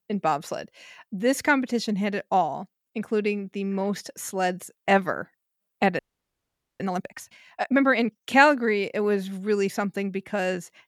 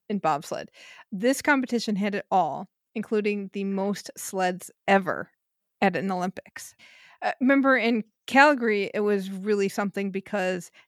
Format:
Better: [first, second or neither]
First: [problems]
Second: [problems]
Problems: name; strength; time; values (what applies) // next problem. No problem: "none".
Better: second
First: audio freezing; at 6 s for 1 s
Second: none